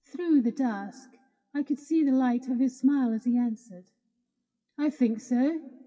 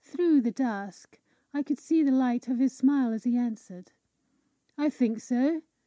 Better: second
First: noise reduction (classical method WPE with log-MMSE)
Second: none

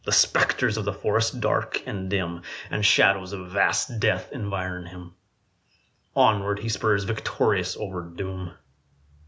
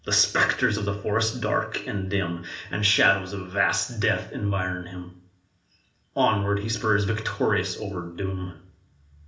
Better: first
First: none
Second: room echo; dies away in 0.5 s

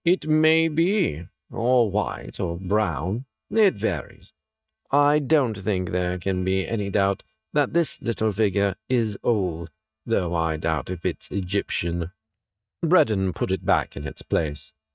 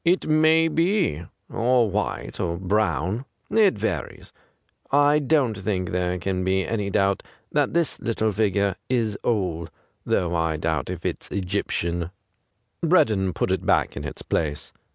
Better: second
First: noise reduction (neural mask model DeepFilterNet 3)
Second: none

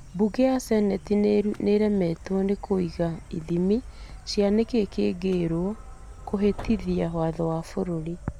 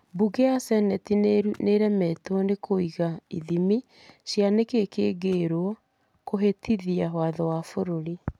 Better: second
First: background sound (Subway, metro, underground + Insect); 16 dB below the speech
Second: none

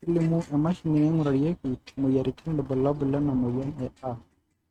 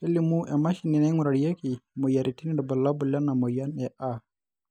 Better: second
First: noise reduction (neural mask model RNNoise)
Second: none

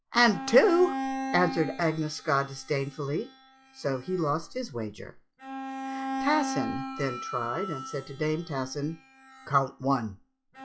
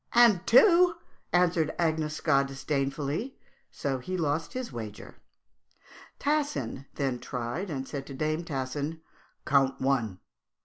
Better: second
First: noise reduction (classical method log-MMSE)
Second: none

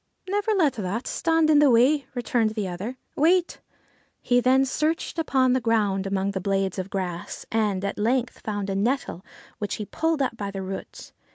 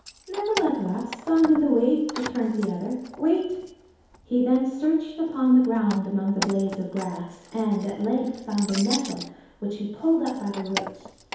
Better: first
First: none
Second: background sound (Keys jangling); 14 dB below the speech // room echo; dies away in 2.2 s

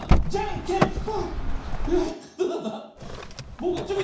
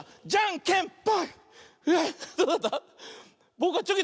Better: second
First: background sound (Car); 3 dB above the speech // room echo; dies away in 0.6 s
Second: none

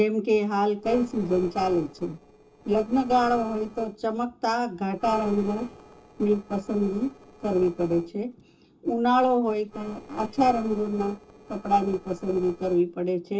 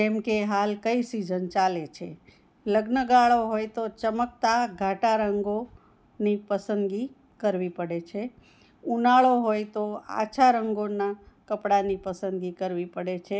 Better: second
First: noise reduction (neural separator model SepFormer DNS4)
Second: none

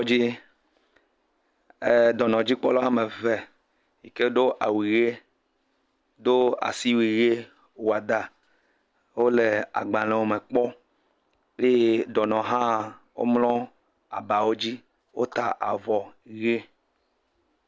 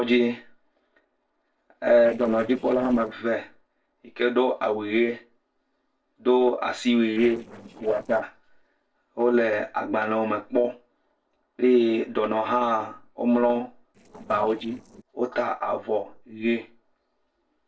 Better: first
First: none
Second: noise reduction (neural separator model SepFormer DNS4)

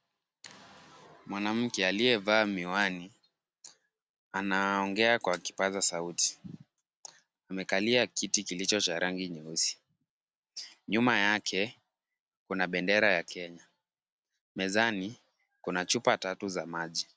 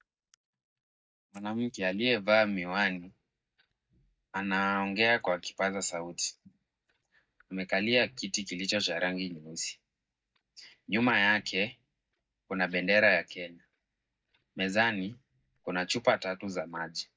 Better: first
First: none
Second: noise reduction (neural mask model DeepFilterNet 3)

